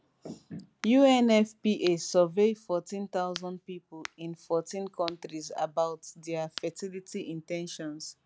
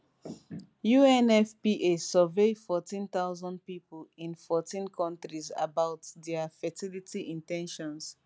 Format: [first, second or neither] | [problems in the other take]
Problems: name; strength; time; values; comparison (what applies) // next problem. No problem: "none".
second | background sound (Crack); 20 dB below the speech